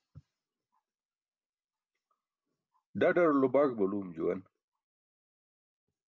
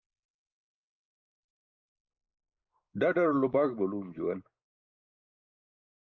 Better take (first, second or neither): first